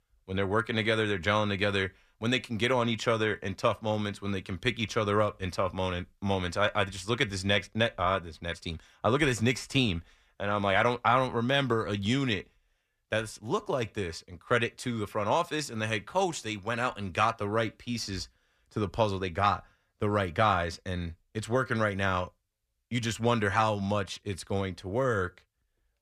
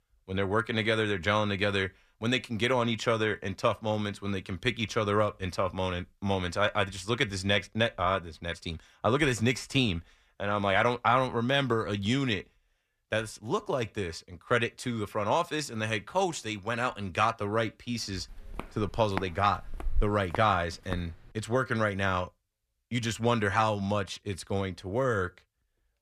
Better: first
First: none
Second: footsteps; noticeable; from 19 to 21 s; peak 7 dB below the speech

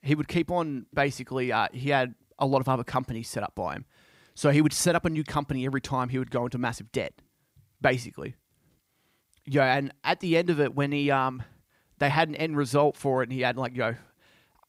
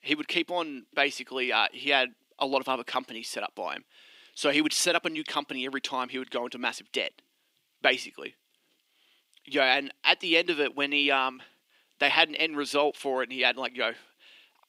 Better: first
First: none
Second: thin; very slightly; fading below 250 Hz

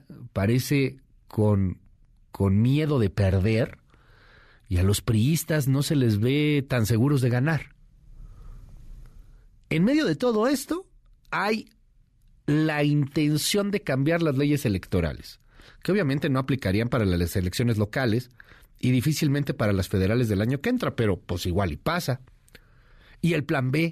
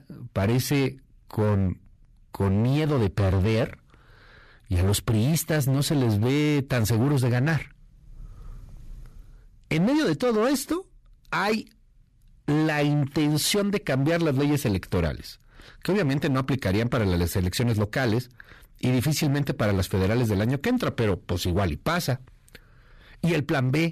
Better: first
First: none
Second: distortion; slight; 15% of the sound clipped

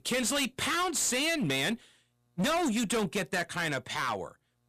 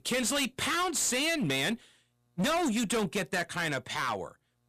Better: neither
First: distortion; heavy; 19% of the sound clipped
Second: distortion; heavy; 19% of the sound clipped

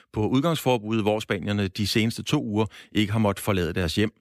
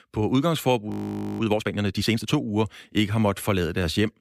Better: first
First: none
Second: audio freezing; at 1 s

